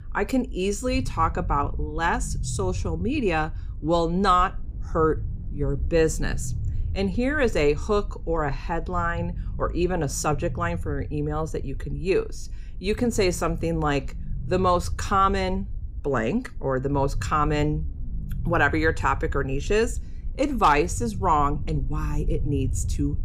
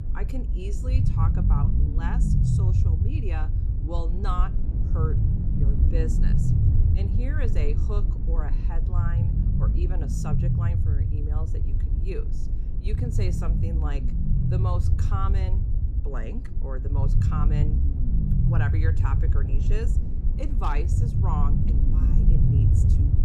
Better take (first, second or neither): first